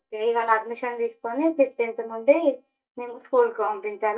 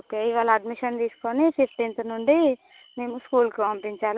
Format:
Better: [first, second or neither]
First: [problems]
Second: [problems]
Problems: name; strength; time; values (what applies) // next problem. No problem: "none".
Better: second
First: noise reduction (neural mask model DeepFilterNet 3)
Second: none